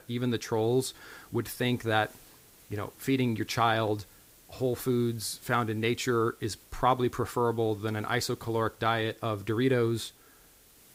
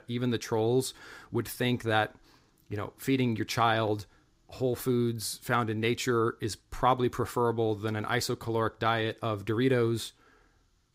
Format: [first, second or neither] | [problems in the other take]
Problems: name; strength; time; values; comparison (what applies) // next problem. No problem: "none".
second | hiss; faint; throughout; 25 dB below the speech